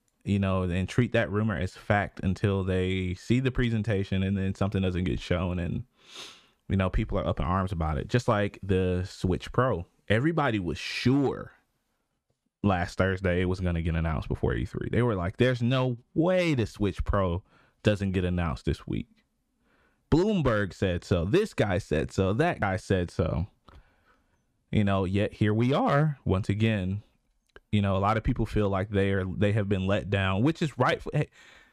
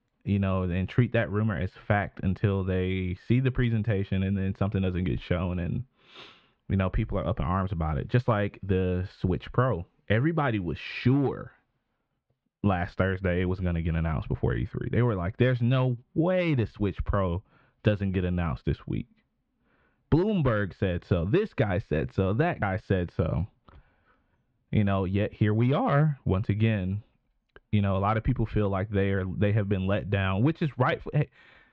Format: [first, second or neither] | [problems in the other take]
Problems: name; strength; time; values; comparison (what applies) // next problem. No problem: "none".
first | muffled; slightly; fading above 3.5 kHz